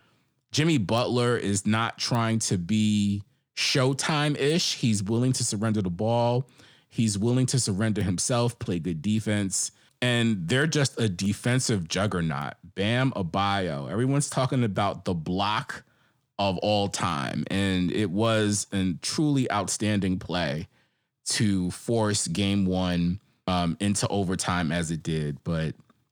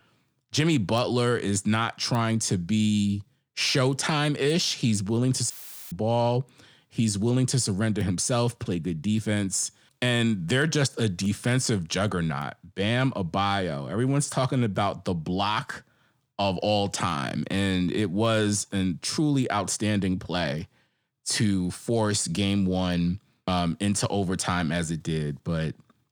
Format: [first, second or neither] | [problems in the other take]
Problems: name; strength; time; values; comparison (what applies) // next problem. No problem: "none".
first | audio cutting out; filled with static; at 5.5 s